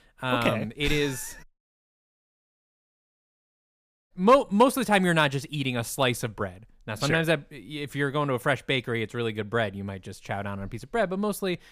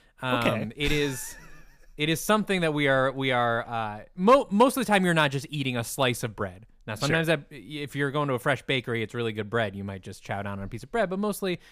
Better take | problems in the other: second | audio cutting out; at 1.5 s for 2.5 s

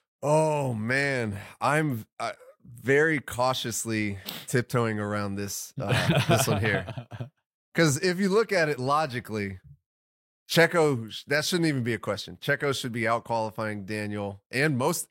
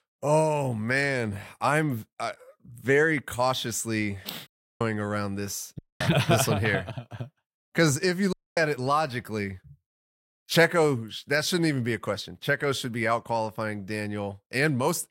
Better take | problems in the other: first | audio cutting out; at 4.5 s, at 6 s and at 8.5 s

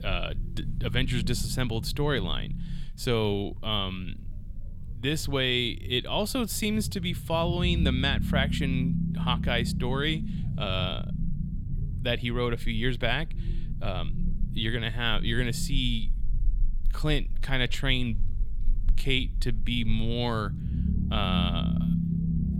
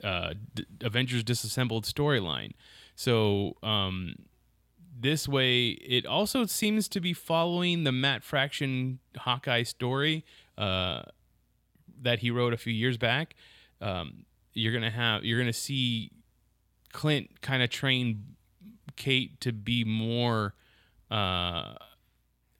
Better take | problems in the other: second | low rumble; noticeable; throughout; 15 dB below the speech

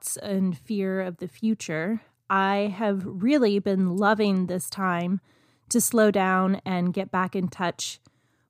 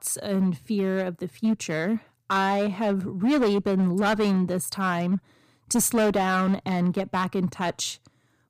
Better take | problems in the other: first | distortion; slight; 9% of the sound clipped

